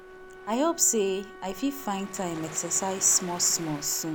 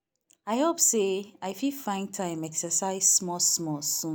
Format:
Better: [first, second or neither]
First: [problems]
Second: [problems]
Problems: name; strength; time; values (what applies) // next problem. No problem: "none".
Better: second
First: background sound (Wind instrument, woodwind instrument + Waves, surf); 14 dB below the speech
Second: none